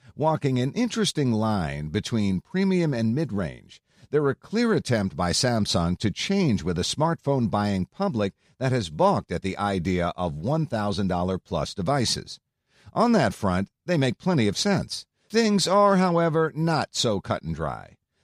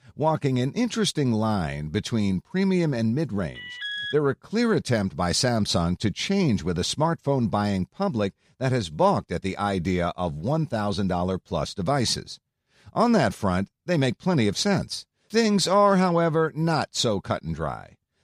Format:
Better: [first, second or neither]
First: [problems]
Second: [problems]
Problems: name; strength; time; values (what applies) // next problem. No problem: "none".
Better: first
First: none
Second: alarm; noticeable; at 3.5 s; peak 5 dB below the speech